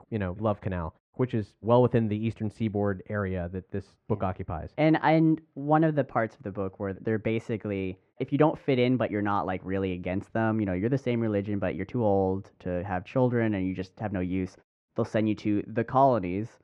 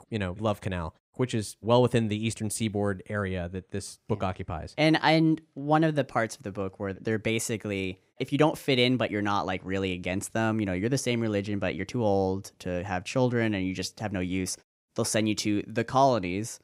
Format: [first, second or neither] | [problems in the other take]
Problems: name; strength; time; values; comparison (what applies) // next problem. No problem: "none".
second | muffled; very; fading above 1.5 kHz